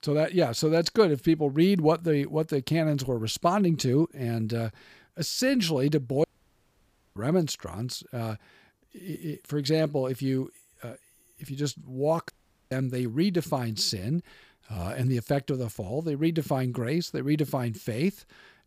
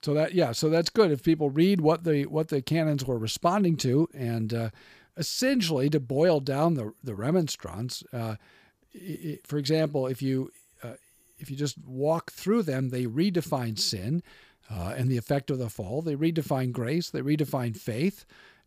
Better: second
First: audio cutting out; at 6 s for 1 s and at 12 s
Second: none

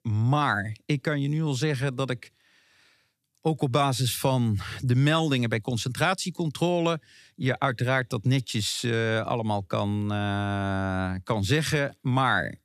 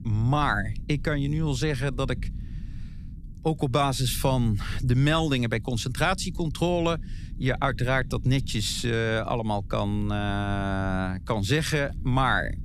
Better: first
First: none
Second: low rumble; faint; throughout; 25 dB below the speech

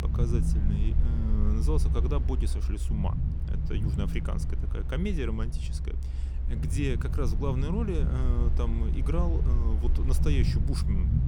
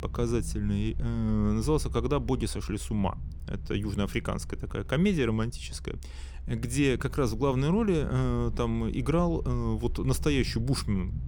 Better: second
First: low rumble; loud; throughout; 6 dB below the speech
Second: low rumble; faint; throughout; 20 dB below the speech

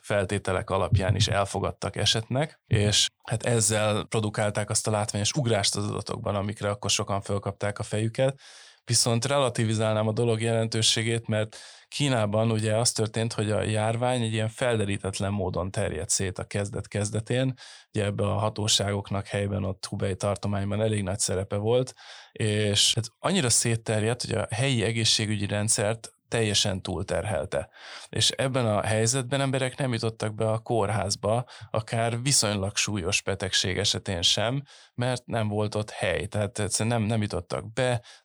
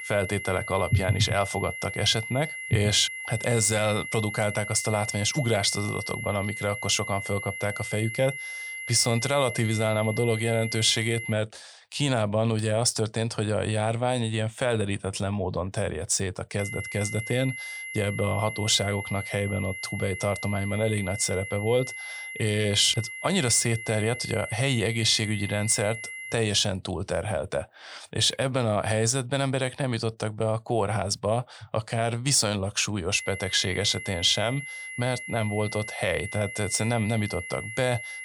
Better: first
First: none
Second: high-pitched whine; loud; until 11 s, from 17 to 26 s and from 33 s on; 2 kHz, 8 dB below the speech

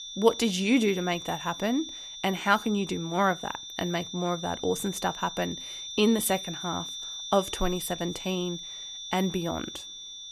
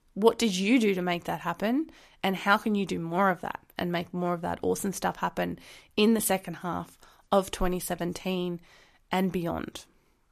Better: second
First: high-pitched whine; loud; throughout; 3.5 kHz, 9 dB below the speech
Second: none

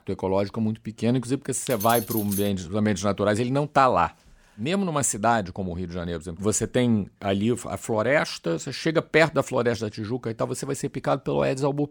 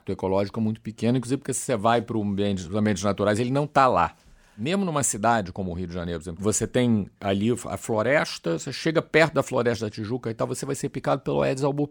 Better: second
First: jangling keys; noticeable; at 1.5 s; peak 5 dB below the speech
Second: none

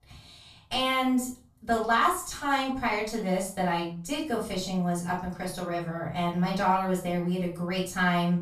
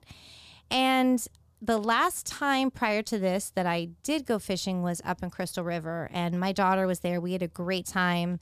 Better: second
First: off-mic speech; far // room echo; slight; dies away in 0.3 s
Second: none

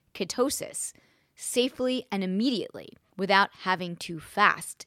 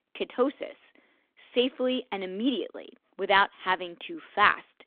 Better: first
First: none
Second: phone-call audio

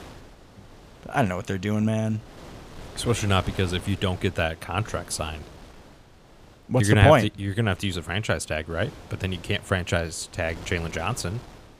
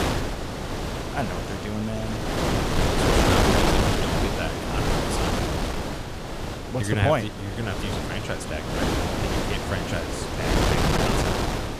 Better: first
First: wind noise on the microphone; occasional gusts; 20 dB below the speech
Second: wind noise on the microphone; heavy; 5 dB above the speech

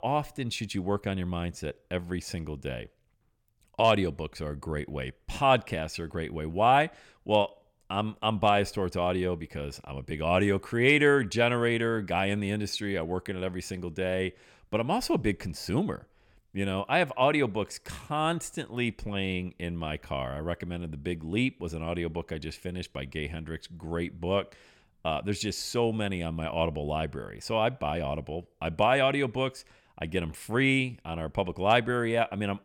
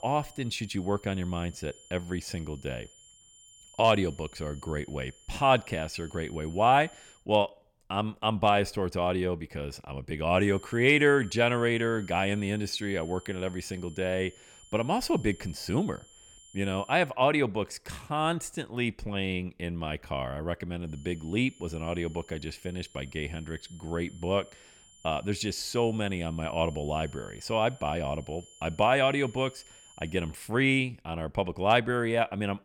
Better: first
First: none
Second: high-pitched whine; faint; until 7 s, from 10 to 17 s and from 21 to 30 s; 7 kHz, 25 dB below the speech

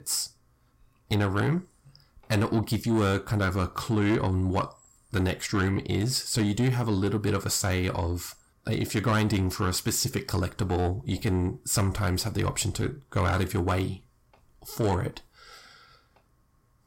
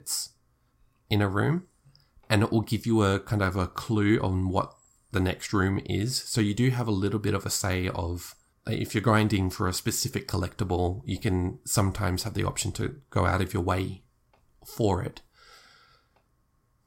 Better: second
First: distortion; slight; 10 dB below the speech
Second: none

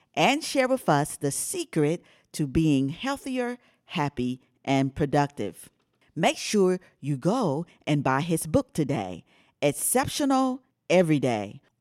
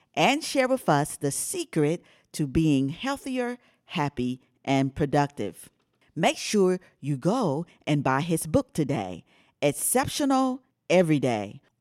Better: neither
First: none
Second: none

